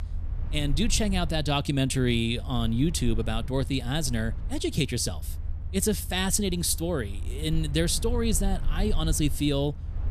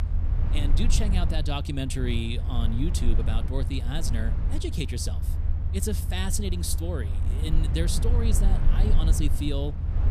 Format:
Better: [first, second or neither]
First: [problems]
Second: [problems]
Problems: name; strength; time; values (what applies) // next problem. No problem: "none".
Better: first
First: low rumble; faint; throughout; 20 dB below the speech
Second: low rumble; loud; throughout; 8 dB below the speech